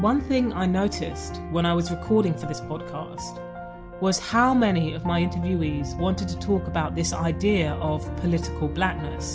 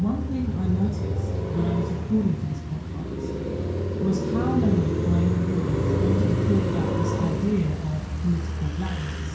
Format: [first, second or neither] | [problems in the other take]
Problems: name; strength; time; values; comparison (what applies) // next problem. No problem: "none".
first | background sound (Car passing by); 1 dB below the speech // room echo; dies away in 0.6 s